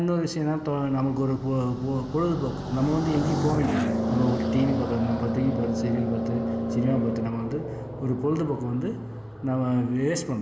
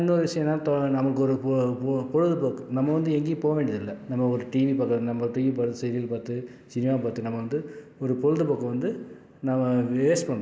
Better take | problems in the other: second | background sound (Car passing by); 4 dB below the speech // room echo; dies away in 0.8 s

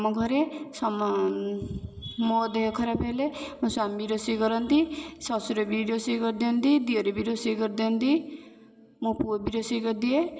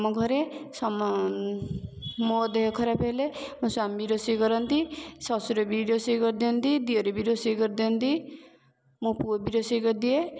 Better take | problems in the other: second | room echo; dies away in 1.8 s

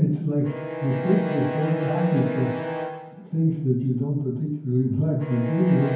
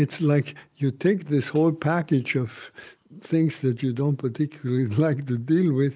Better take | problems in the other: second | background sound (Bowed string instrument); 8 dB below the speech // room echo; dies away in 0.9 s

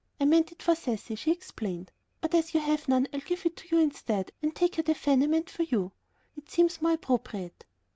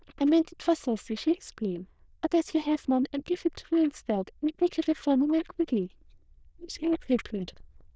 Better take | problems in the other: first | noise reduction (neural diffusion model UNIVERSE++)

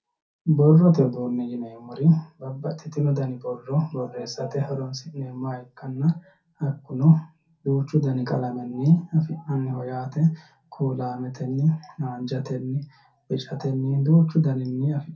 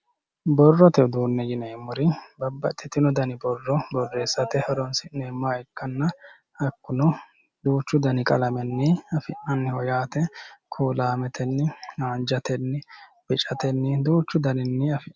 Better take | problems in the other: second | room echo; dies away in 0.3 s

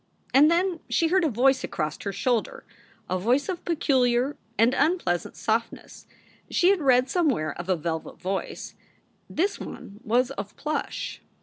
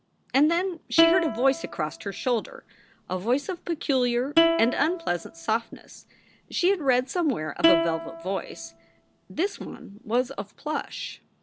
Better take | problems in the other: first | background sound (Plucked string instrument); 2 dB below the speech

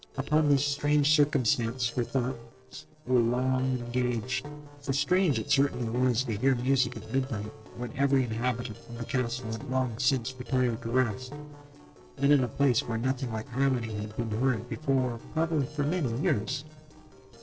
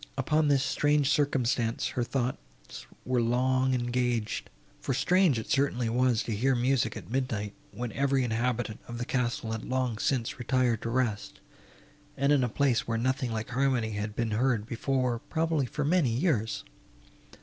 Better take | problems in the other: second | noise reduction (neural separator model SepFormer DNS4)

